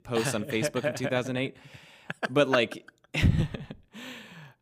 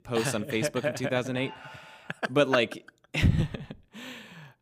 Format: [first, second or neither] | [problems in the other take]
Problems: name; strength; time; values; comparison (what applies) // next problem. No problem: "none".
first | alarm; faint; at 1.5 s; peak 15 dB below the speech